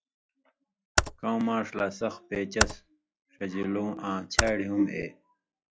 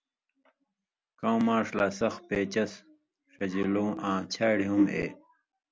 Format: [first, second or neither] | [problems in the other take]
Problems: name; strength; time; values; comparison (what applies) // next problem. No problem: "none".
second | noise reduction (classical method log-MMSE)